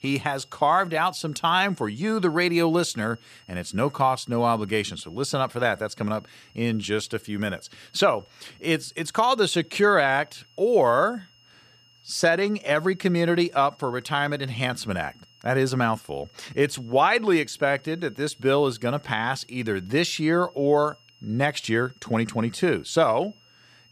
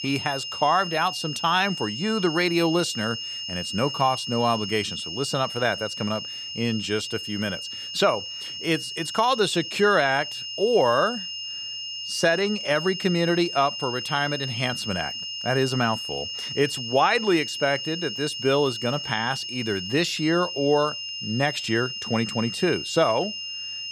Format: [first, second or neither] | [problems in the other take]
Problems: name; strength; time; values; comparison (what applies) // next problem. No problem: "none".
first | high-pitched whine; loud; throughout; 3 kHz, 6 dB below the speech; faint in the first